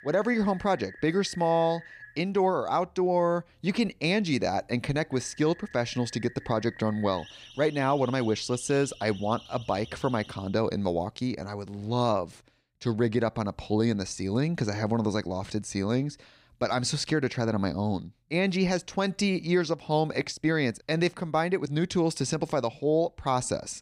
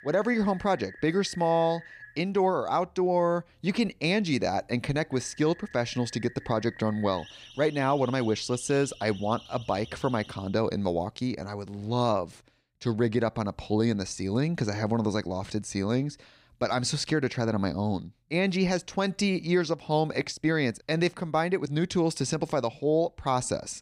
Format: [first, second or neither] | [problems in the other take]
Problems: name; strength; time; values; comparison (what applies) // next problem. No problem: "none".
neither | alarms or sirens; noticeable; until 10 s; 20 dB below the speech; the same in both